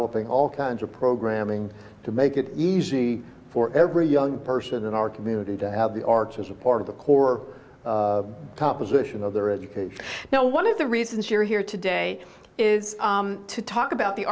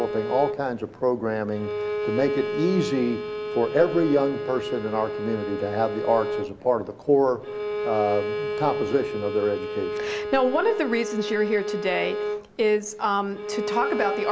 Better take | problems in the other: first | background sound (Bowed string instrument); 5 dB below the speech

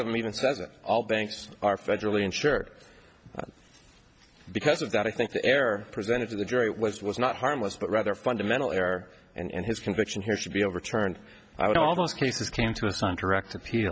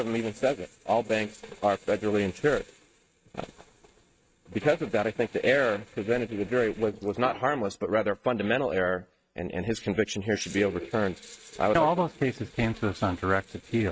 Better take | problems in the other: first | noise reduction (neural mask model RNNoise)

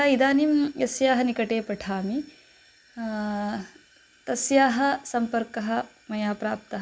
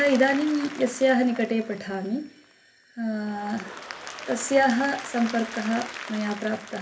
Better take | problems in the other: first | background sound (Applause / Crowd); 14 dB below the speech // room echo; dies away in 0.3 s

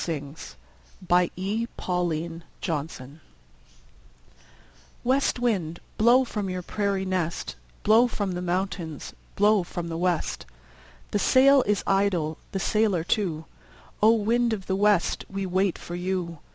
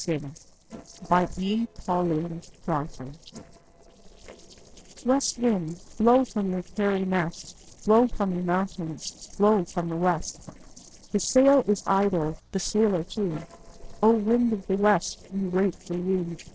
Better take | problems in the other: first | noise reduction (neural separator model SepFormer DNS4)

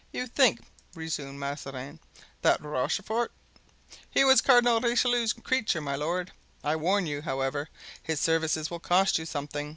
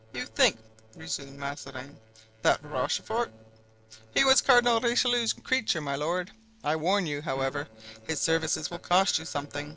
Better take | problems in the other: first | noise reduction (neural separator model SepFormer DNS4)

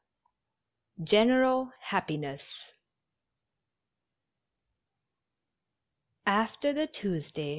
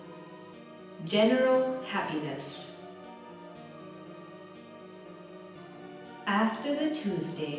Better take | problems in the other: first | background sound (Organ); 14 dB below the speech // room echo; dies away in 0.9 s

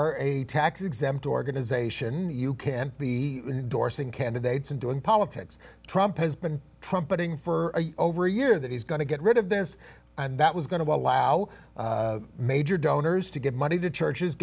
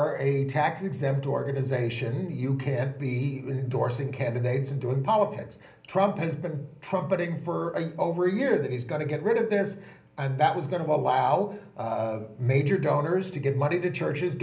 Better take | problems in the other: first | room echo; dies away in 0.5 s

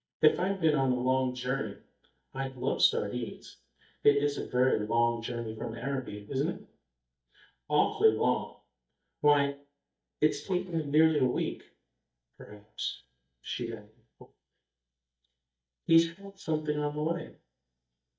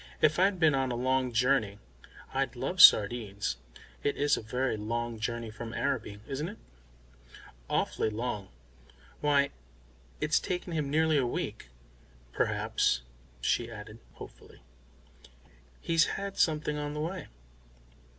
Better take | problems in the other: second | noise reduction (neural mask model DeepFilterNet 3)

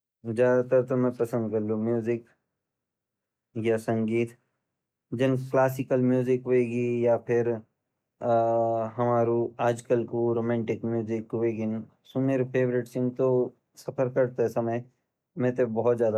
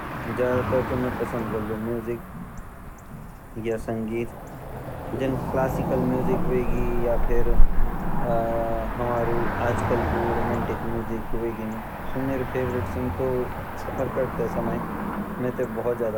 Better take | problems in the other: first | background sound (Cricket / Motor vehicle (road)); 4 dB above the speech

